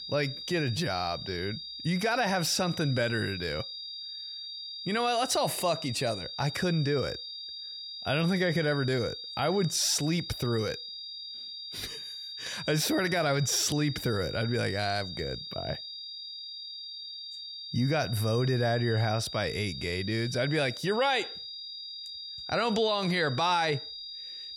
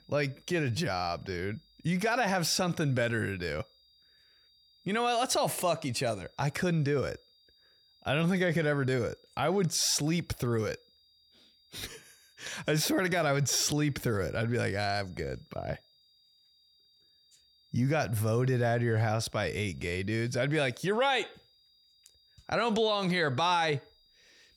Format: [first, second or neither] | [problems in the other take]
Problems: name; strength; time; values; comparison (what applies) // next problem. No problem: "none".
second | high-pitched whine; loud; throughout; 4.5 kHz, 9 dB below the speech; faint in the second